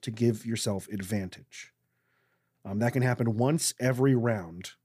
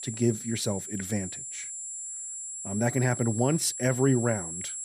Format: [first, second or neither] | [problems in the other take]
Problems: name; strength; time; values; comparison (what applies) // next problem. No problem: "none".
first | high-pitched whine; loud; throughout; 7.5 kHz, 7 dB below the speech